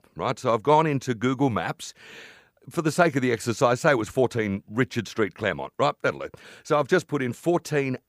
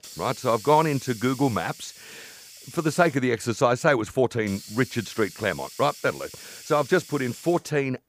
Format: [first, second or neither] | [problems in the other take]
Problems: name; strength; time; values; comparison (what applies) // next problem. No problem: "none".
first | hiss; noticeable; throughout; 15 dB below the speech